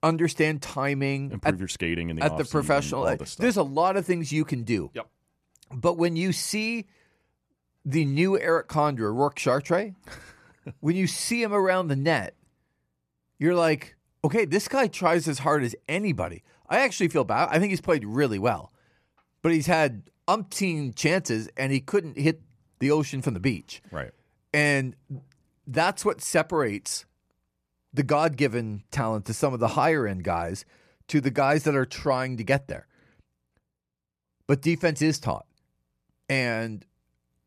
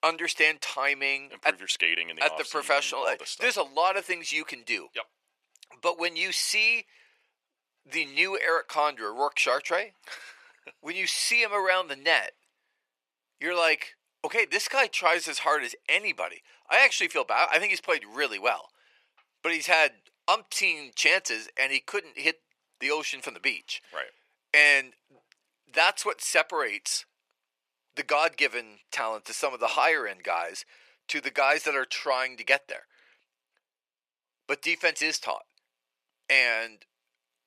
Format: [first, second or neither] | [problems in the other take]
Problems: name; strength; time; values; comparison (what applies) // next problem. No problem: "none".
first | thin; very; fading below 500 Hz